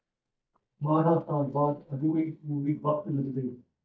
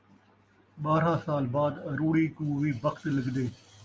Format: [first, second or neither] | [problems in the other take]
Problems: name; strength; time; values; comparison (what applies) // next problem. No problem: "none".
second | noise reduction (neural mask model DeepFilterNet 3)